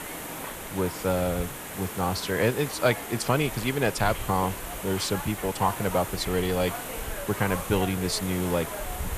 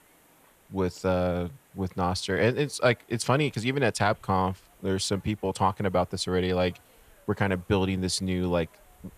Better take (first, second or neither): second